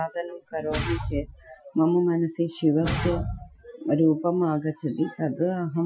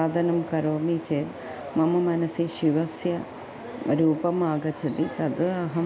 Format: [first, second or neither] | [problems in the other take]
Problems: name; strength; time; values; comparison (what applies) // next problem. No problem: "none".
second | noise reduction (classical method Wiener filter)